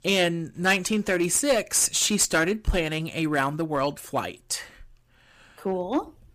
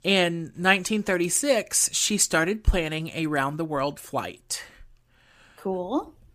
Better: second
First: distortion; slight; 3% of the sound clipped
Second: none

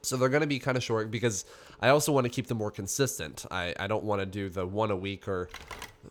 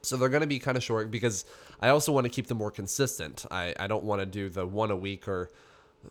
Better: second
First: phone ringing; faint; at 5.5 s; peak 15 dB below the speech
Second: none

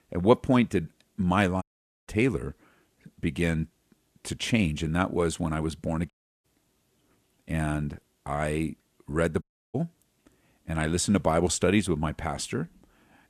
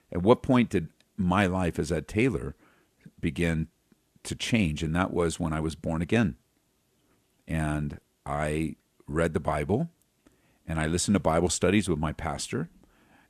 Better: second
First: audio cutting out; at 1.5 s, at 6 s and at 9.5 s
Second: none

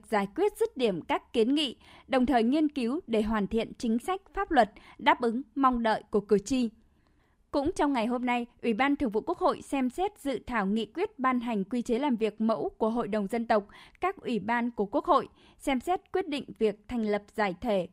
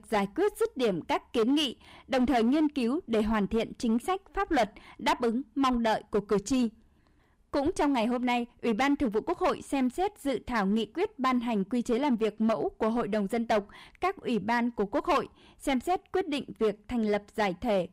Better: first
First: none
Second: distortion; slight; 7% of the sound clipped

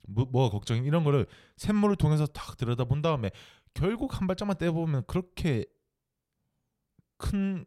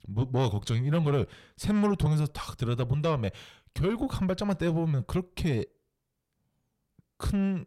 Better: first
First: none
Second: distortion; slight; 10 dB below the speech

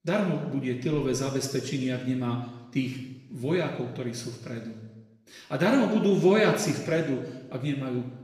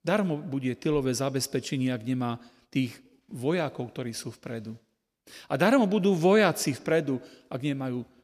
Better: second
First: room echo; noticeable; dies away in 1 s // off-mic speech; far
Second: none

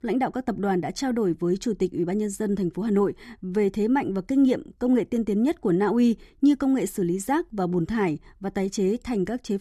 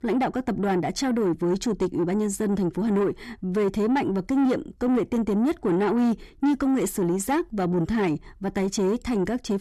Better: first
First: none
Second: distortion; slight; 10 dB below the speech

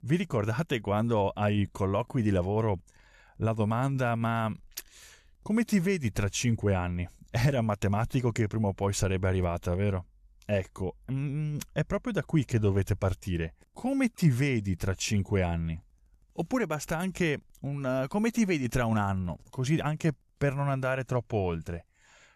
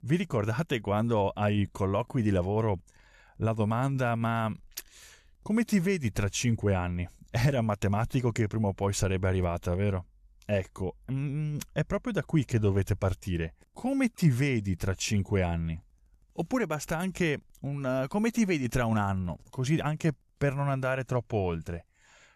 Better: neither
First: none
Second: none

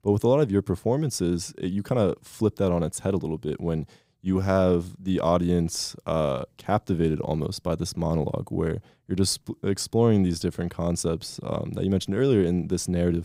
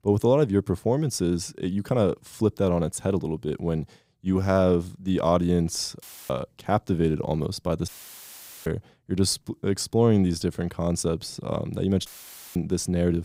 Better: first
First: none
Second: audio cutting out; filled with static; at 6 s, at 8 s for 1 s and at 12 s for 0.5 s

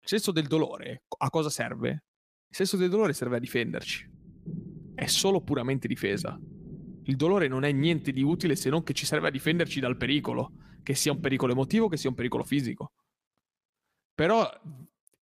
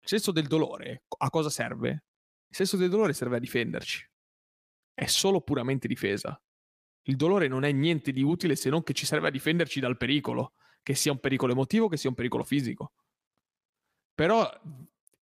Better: second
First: low rumble; faint; from 4 to 13 s; 25 dB below the speech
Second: none

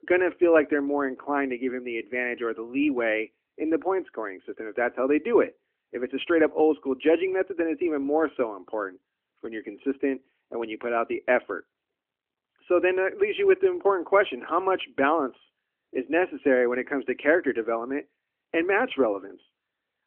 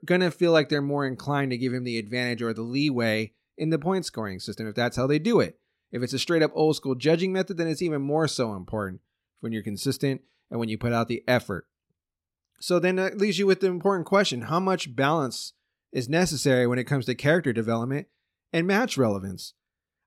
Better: second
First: phone-call audio; nothing above 3 kHz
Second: none

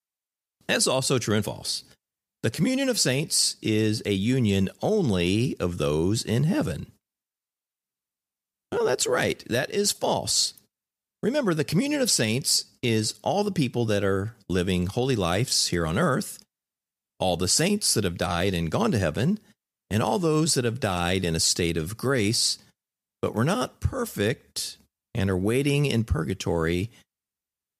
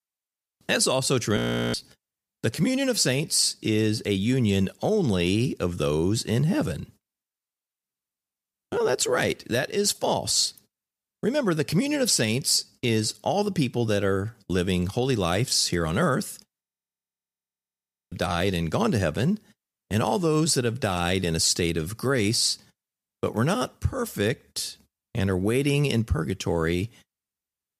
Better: first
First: none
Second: audio freezing; at 1.5 s and at 17 s for 1.5 s

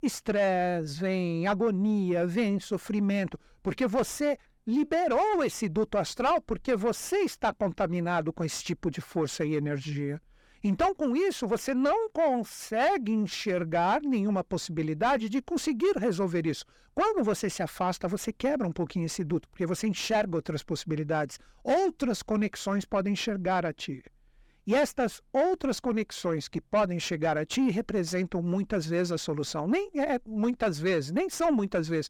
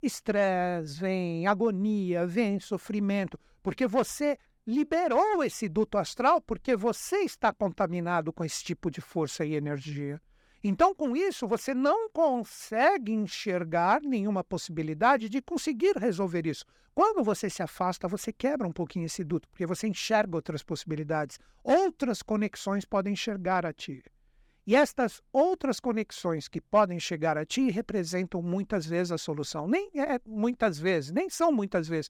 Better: second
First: distortion; slight; 10 dB below the speech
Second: none

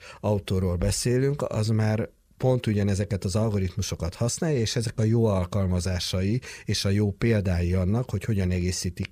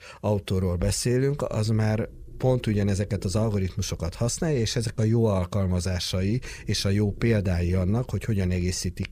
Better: first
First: none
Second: low rumble; faint; from 1.5 to 5 s and from 6 s on; 25 dB below the speech

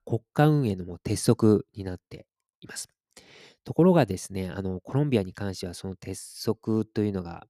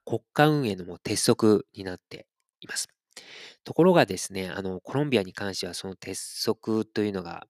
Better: first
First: none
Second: thin; very slightly; fading below 350 Hz

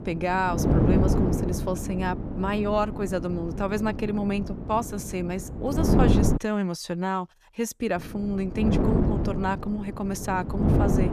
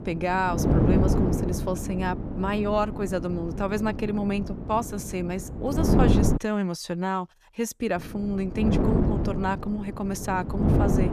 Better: neither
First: wind noise on the microphone; heavy; until 6.5 s and from 8 s on; 3 dB below the speech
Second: wind noise on the microphone; heavy; until 6.5 s and from 8 s on; 3 dB below the speech

